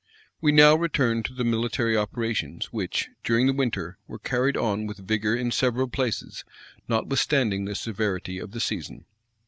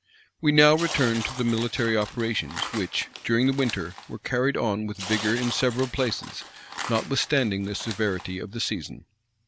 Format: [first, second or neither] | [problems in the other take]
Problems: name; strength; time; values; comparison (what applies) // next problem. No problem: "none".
first | background sound (Tearing); 12 dB below the speech